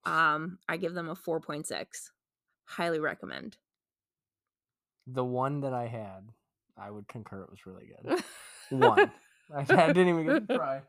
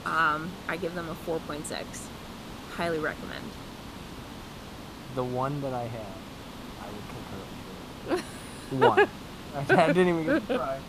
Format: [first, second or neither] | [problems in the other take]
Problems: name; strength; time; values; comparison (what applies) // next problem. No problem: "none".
first | hiss; noticeable; throughout; 15 dB below the speech